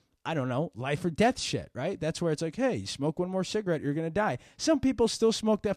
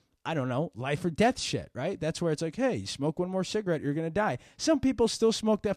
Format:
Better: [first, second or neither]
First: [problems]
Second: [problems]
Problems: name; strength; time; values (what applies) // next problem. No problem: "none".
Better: neither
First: none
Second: none